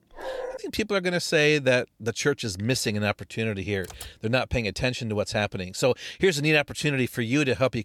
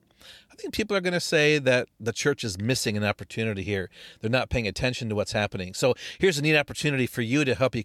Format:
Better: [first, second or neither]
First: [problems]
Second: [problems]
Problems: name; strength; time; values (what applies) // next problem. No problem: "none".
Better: second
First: dog barking; noticeable; at the start; peak 9 dB below the speech // keyboard typing; faint; at 4 s; peak 15 dB below the speech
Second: none